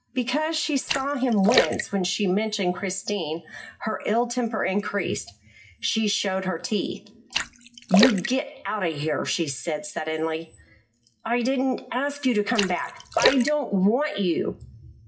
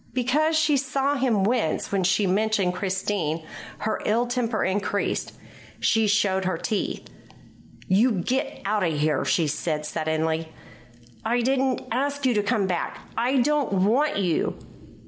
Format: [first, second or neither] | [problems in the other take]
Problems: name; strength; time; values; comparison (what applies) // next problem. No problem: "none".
second | noise reduction (classical method WPE with log-MMSE)